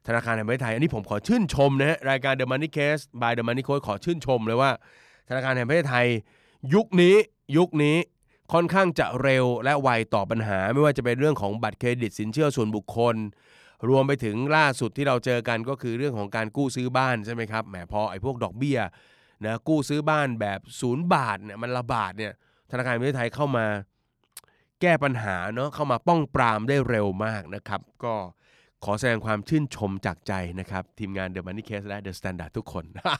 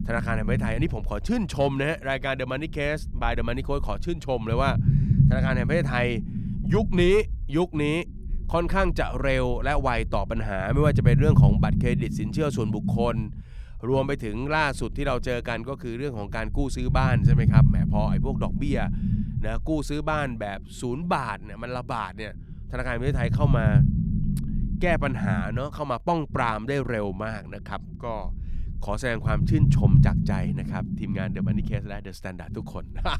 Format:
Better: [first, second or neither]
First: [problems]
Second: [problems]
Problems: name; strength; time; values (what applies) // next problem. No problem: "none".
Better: first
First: none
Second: low rumble; loud; throughout; 6 dB below the speech